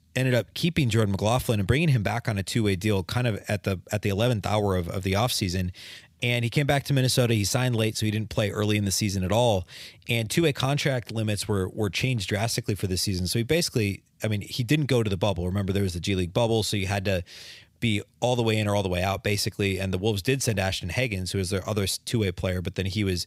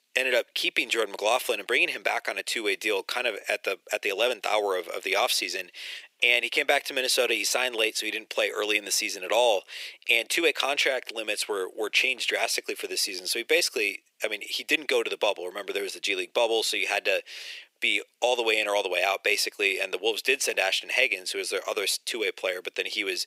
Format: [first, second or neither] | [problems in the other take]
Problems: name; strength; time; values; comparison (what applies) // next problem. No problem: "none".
first | thin; very; fading below 400 Hz